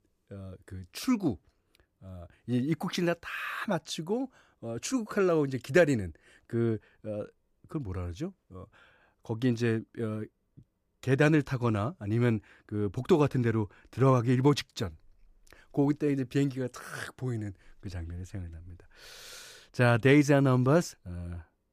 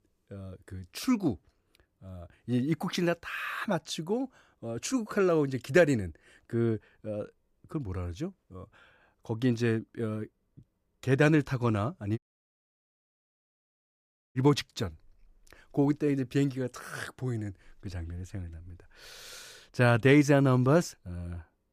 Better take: first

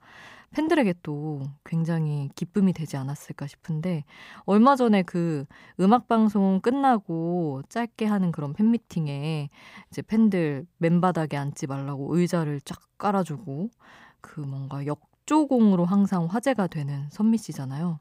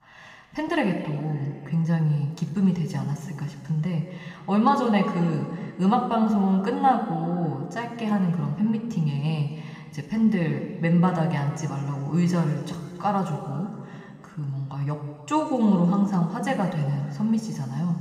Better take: first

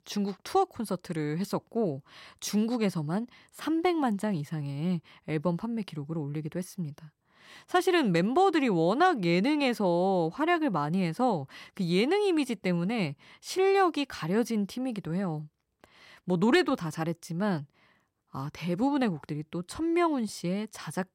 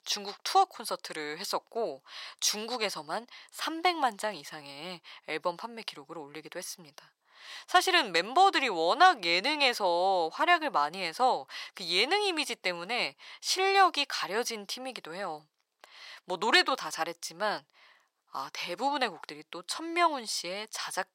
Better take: first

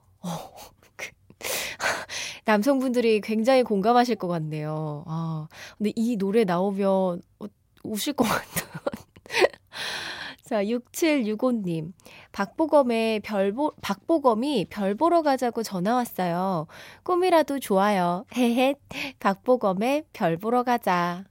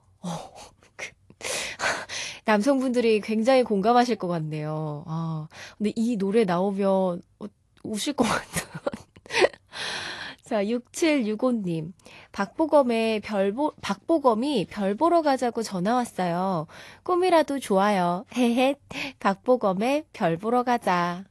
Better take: first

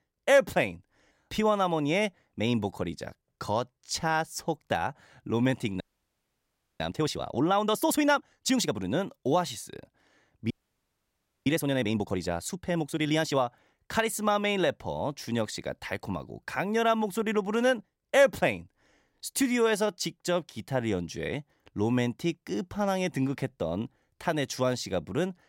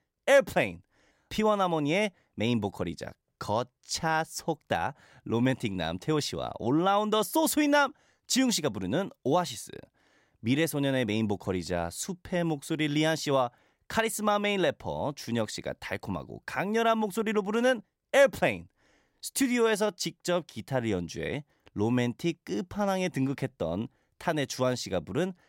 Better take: second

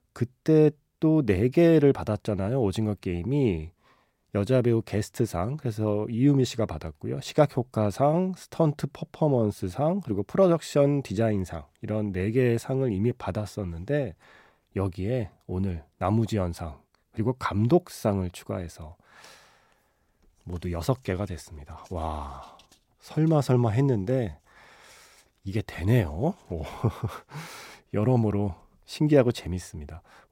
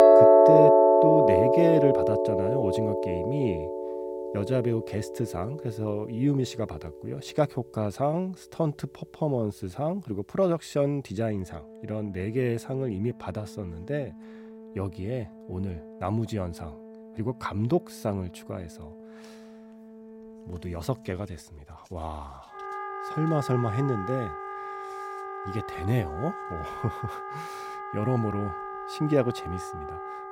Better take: first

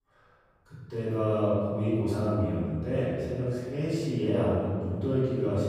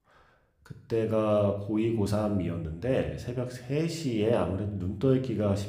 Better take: second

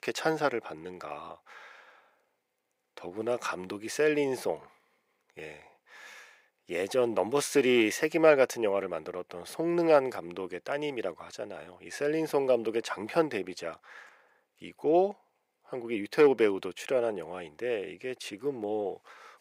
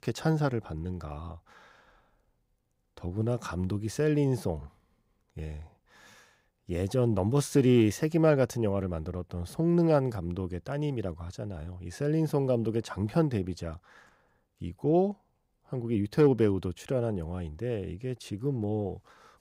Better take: second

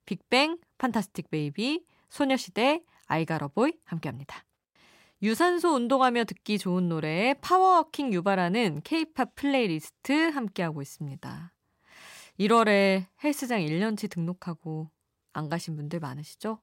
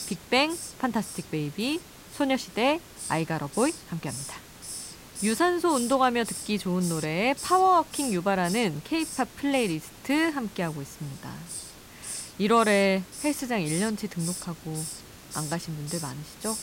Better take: first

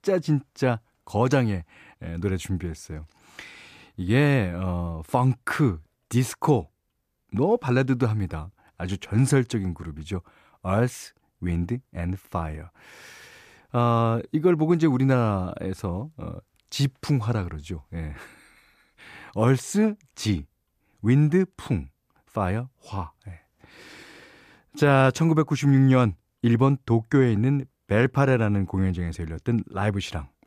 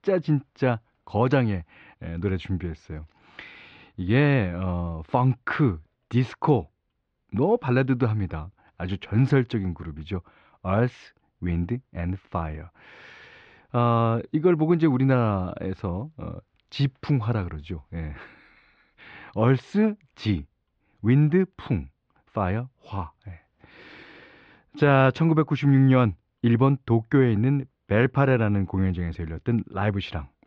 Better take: first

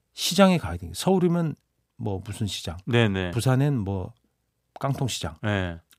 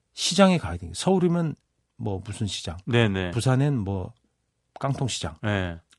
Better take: first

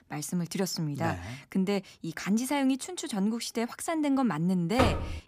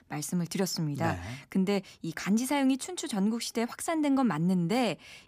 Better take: second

